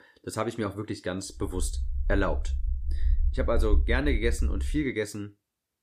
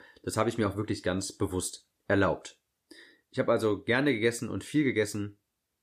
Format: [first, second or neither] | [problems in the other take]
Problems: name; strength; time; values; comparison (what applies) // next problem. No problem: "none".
second | low rumble; faint; from 1.5 to 4.5 s; 20 dB below the speech